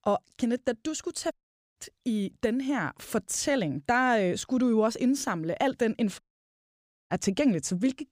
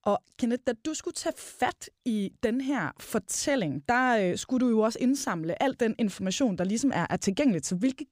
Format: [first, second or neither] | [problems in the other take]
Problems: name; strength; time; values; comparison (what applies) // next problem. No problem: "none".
second | audio cutting out; at 1.5 s and at 6 s for 1 s